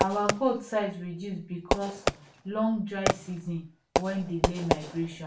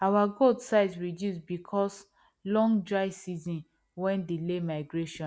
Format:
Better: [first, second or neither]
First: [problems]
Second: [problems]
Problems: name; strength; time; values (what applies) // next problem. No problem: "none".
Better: second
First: background sound (Fireworks); as loud as the speech // room echo; dies away in 0.3 s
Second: none